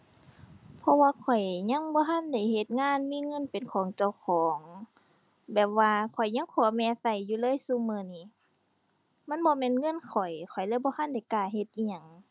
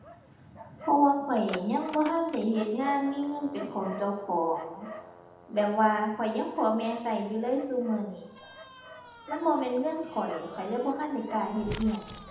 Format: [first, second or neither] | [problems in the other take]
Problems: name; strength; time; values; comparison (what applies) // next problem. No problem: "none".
first | background sound (Dog); 15 dB below the speech // room echo; dies away in 0.8 s